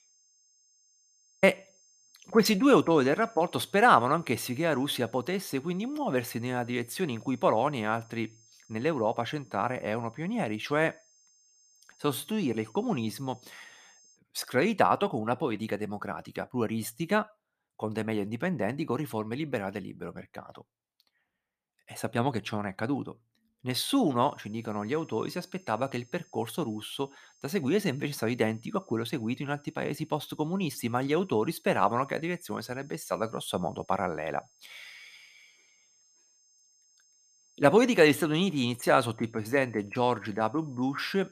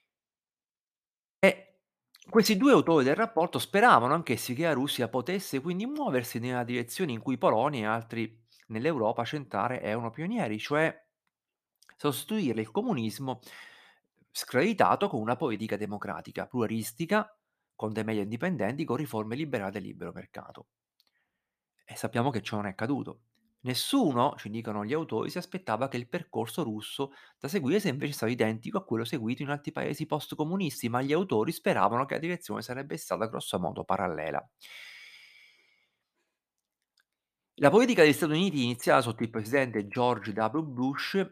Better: second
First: high-pitched whine; faint; until 14 s and from 24 s on; 6.5 kHz, 30 dB below the speech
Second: none

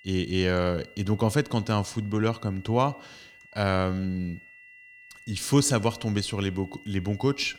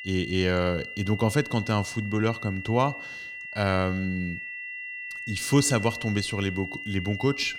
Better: first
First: high-pitched whine; faint; throughout; 2 kHz, 20 dB below the speech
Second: high-pitched whine; loud; throughout; 2 kHz, 9 dB below the speech

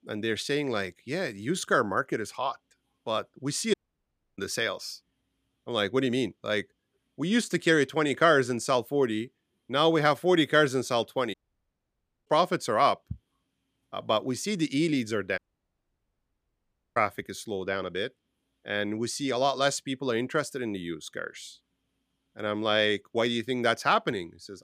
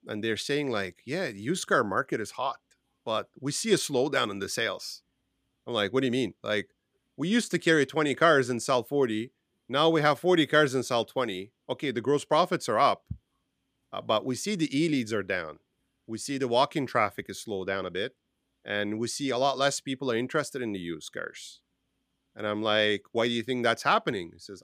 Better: second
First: audio cutting out; at 3.5 s for 0.5 s, at 11 s for 1 s and at 15 s for 1.5 s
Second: none

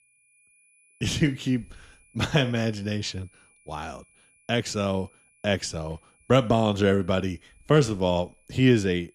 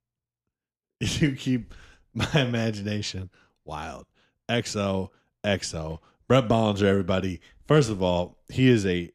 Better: second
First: high-pitched whine; faint; throughout; 2.5 kHz, 35 dB below the speech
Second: none

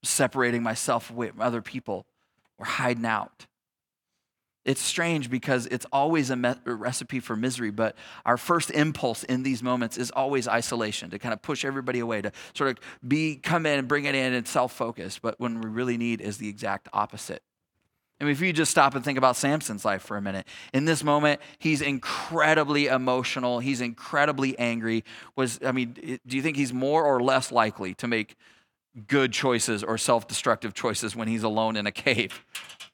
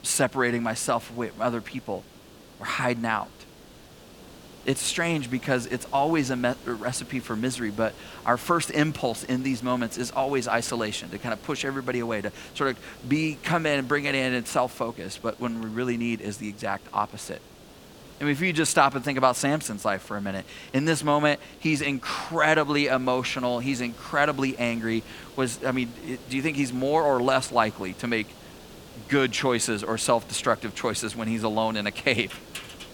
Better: first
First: none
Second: hiss; faint; throughout; 20 dB below the speech

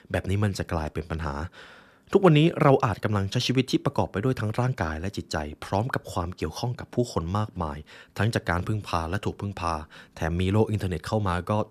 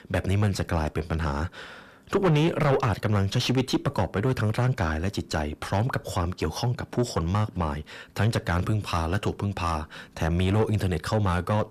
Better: first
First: none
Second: distortion; heavy; 7 dB below the speech

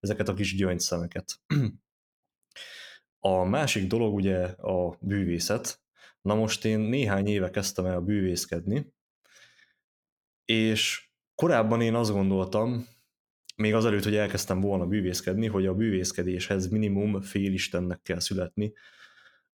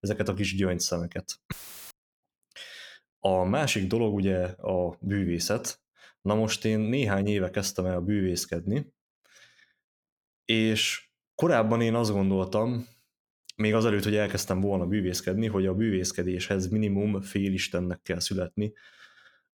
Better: first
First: none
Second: audio cutting out; filled with static; at 1.5 s

